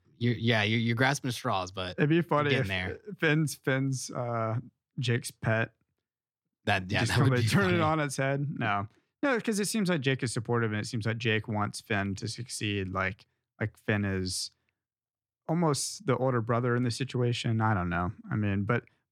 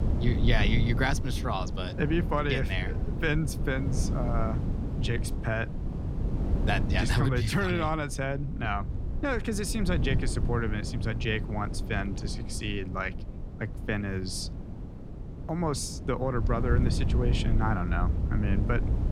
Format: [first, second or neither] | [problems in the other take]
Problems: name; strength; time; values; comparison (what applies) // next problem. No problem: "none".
first | wind noise on the microphone; occasional gusts; 10 dB below the speech